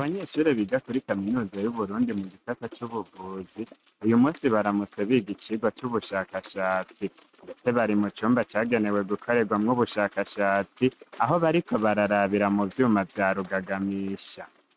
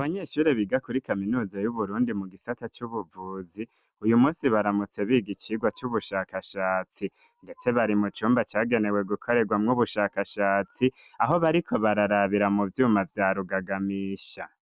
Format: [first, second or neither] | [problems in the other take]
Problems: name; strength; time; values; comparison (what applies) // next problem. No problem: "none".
second | noise reduction (neural mask model RNNoise)